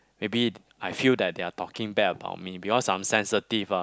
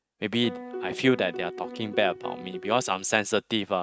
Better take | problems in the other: first | noise reduction (neural mask model RNNoise)

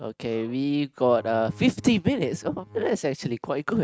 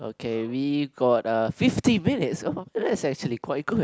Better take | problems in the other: second | noise reduction (neural mask model RNNoise)

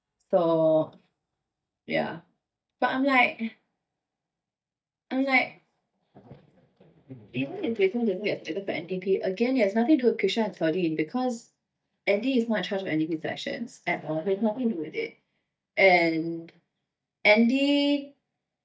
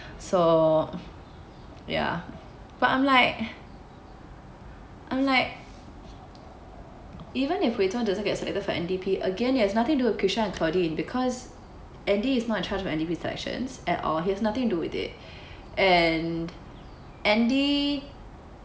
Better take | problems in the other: second | noise reduction (neural mask model DeepFilterNet 3)

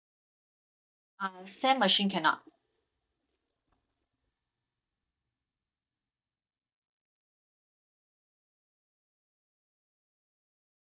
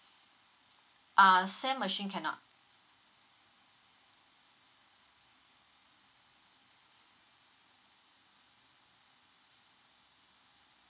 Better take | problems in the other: second | noise reduction (neural mask model DeepFilterNet 3)

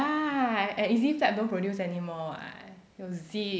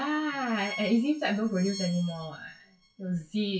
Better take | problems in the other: first | noise reduction (classical method WPE with log-MMSE)

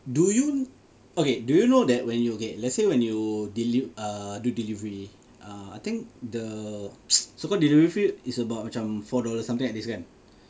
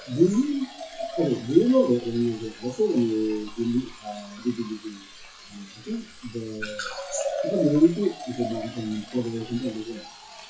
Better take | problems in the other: first | noise reduction (classical method WPE with log-MMSE)

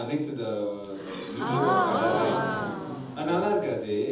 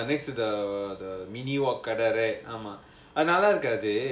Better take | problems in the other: second | background sound (Gasp); as loud as the speech // room echo; dies away in 0.8 s

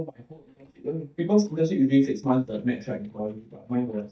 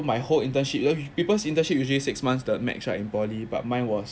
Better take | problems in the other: second | noise reduction (neural mask model DeepFilterNet 3)

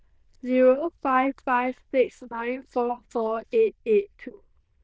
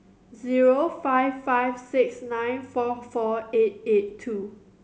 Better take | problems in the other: second | noise reduction (neural diffusion model UNIVERSE++)

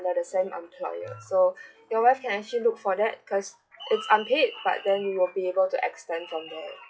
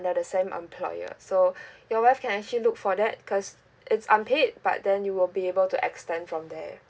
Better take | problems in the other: second | noise reduction (classical method log-MMSE)

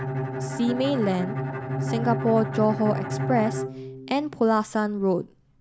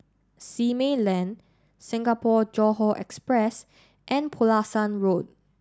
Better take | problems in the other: second | background sound (Bowed string instrument); 5 dB below the speech

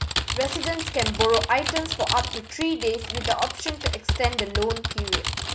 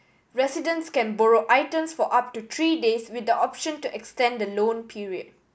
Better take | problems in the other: second | background sound (Typing); 1 dB below the speech

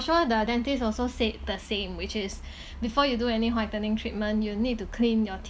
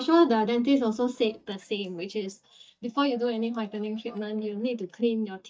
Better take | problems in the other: first | noise reduction (neural mask model DeepFilterNet 3)

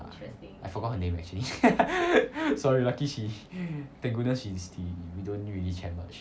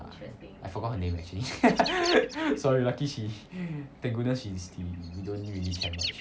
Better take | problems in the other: first | background sound (Bird); 13 dB below the speech

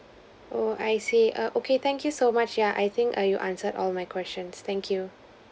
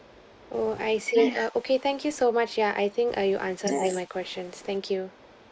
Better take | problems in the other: first | noise reduction (neural mask model Resemble Enhance denoiser)

